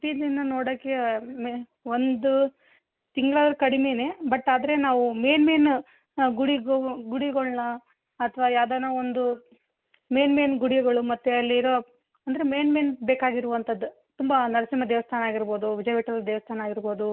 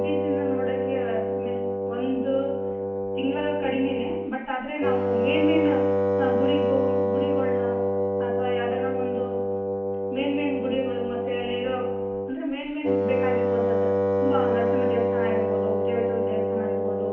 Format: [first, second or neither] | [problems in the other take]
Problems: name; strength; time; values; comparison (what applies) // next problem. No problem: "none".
first | background sound (Wind instrument, woodwind instrument); 5 dB above the speech // room echo; dies away in 0.9 s